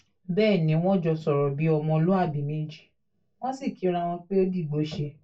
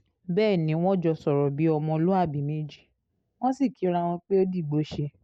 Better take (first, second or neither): second